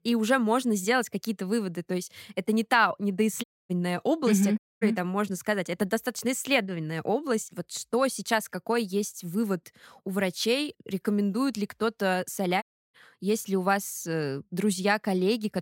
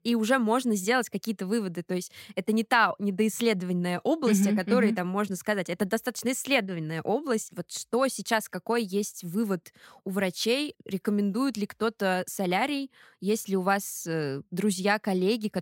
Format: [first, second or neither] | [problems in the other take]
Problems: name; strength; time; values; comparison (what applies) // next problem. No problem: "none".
second | audio cutting out; at 3.5 s, at 4.5 s and at 13 s